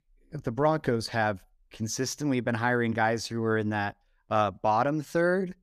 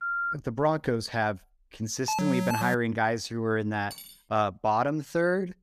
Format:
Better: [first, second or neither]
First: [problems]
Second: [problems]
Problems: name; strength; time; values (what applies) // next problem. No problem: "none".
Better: first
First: none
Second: phone ringing; noticeable; at the start; peak 1 dB below the speech // alarm; noticeable; at 2 s; peak level with the speech // clattering dishes; faint; at 4 s; peak 15 dB below the speech